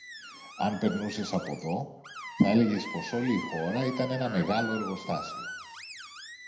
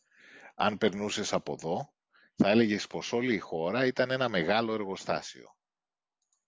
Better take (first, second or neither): second